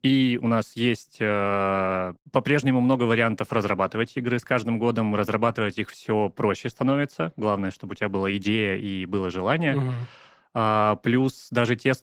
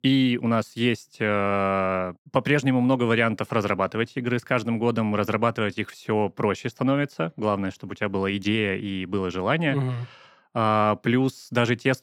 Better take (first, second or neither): second